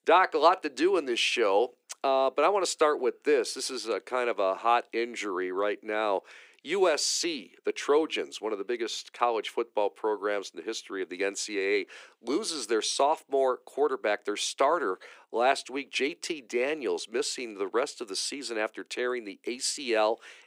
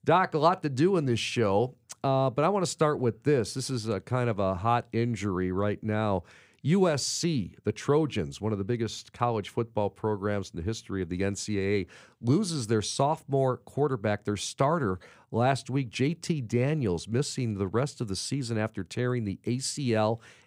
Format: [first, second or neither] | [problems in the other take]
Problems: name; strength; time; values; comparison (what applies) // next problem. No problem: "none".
second | thin; very; fading below 350 Hz